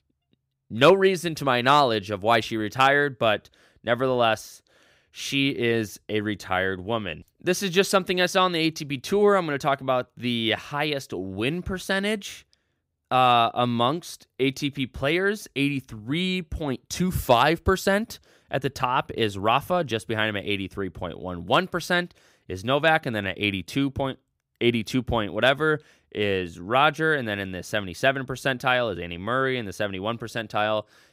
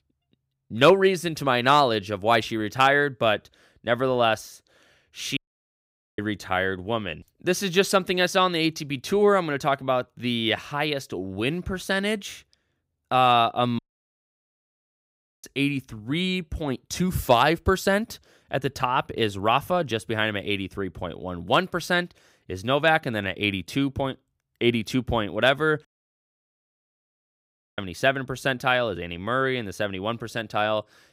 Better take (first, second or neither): first